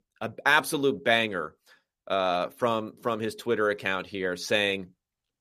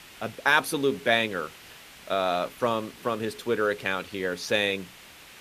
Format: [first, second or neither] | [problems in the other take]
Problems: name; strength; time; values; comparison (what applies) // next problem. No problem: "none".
first | hiss; noticeable; throughout; 20 dB below the speech